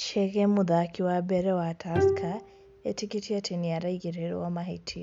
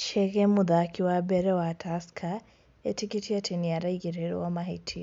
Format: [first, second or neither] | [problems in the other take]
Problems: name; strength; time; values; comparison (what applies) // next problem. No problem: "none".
second | background sound (Bowed string instrument); 4 dB below the speech